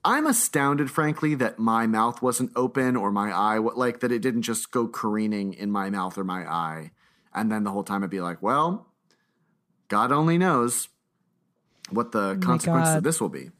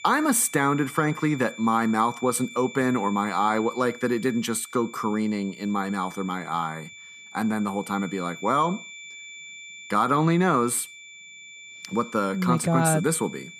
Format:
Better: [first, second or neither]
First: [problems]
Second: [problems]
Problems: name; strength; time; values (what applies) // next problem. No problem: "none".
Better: first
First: none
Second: high-pitched whine; noticeable; throughout; 2.5 kHz, 15 dB below the speech